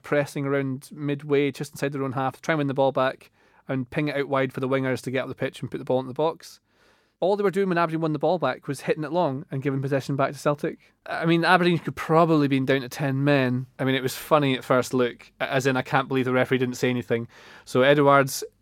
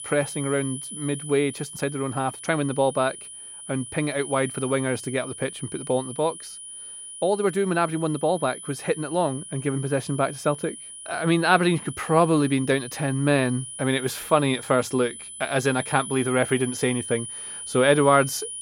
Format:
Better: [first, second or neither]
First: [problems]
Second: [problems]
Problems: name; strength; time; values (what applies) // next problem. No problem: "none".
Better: first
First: none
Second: high-pitched whine; noticeable; throughout; 9.5 kHz, 10 dB below the speech